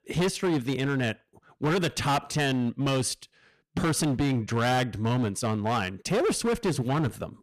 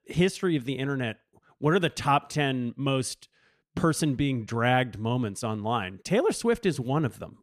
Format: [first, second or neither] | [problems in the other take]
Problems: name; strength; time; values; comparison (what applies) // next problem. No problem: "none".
second | distortion; heavy; 17% of the sound clipped